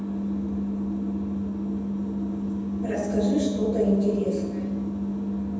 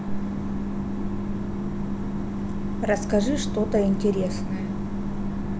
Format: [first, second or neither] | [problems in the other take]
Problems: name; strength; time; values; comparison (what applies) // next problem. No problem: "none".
second | room echo; dies away in 1.1 s